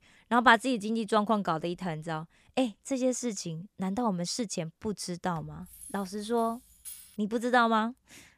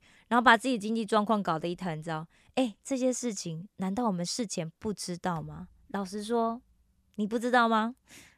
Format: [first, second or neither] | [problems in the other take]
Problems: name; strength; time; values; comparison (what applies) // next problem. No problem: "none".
second | jangling keys; faint; from 5.5 to 7 s; peak 15 dB below the speech